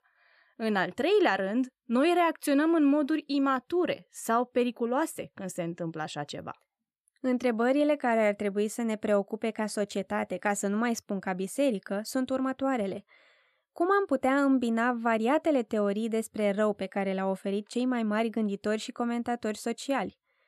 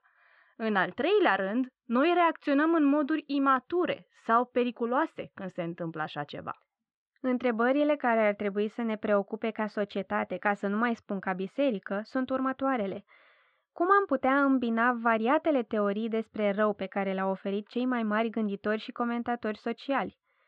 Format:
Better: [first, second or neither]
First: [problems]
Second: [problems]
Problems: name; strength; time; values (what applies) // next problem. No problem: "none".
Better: first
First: none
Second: muffled; slightly; fading above 3.5 kHz